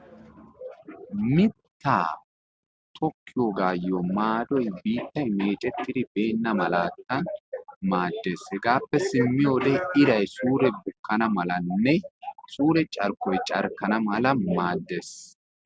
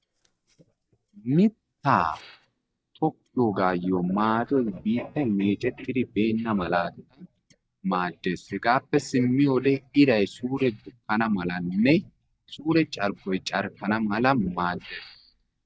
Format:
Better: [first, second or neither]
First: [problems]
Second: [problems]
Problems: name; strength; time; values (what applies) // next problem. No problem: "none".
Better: first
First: none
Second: noise reduction (neural mask model DeepFilterNet 3)